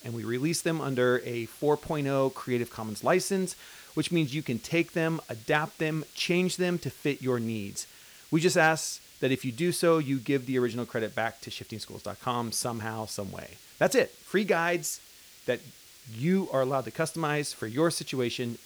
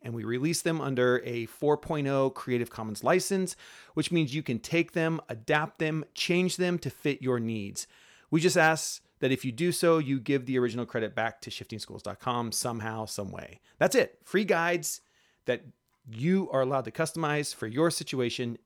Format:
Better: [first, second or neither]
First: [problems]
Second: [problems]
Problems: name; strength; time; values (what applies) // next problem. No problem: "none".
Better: second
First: hiss; faint; throughout; 20 dB below the speech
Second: none